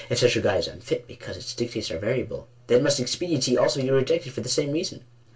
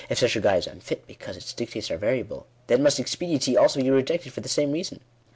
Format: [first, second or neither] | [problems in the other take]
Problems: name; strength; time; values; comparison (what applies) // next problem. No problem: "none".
second | room echo; dies away in 0.2 s